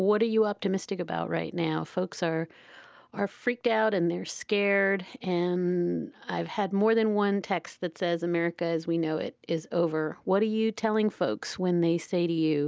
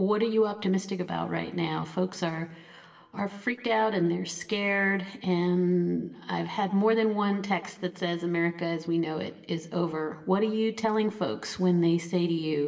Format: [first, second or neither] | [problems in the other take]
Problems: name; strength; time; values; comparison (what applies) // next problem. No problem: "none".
first | room echo; dies away in 0.9 s